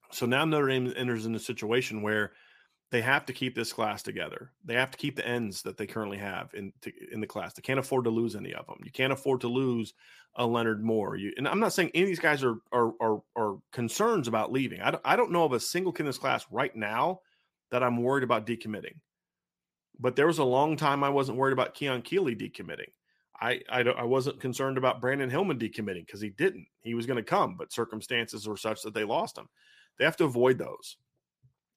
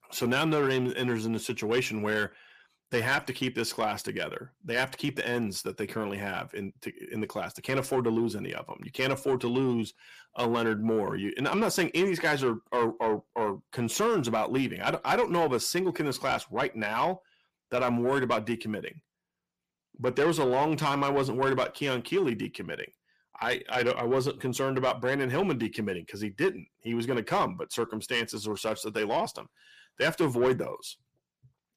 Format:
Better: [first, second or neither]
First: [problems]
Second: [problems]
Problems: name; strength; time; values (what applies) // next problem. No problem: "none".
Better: first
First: none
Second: distortion; slight; 10 dB below the speech